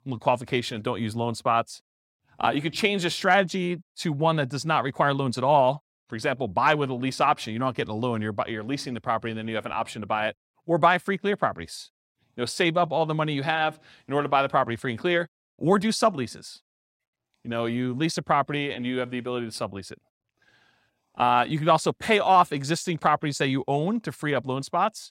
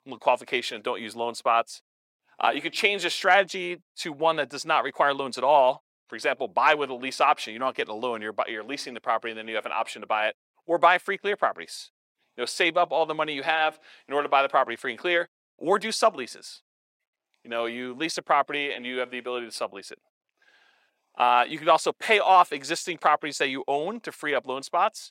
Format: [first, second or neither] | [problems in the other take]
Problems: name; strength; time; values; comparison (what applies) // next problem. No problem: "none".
first | thin; somewhat; fading below 450 Hz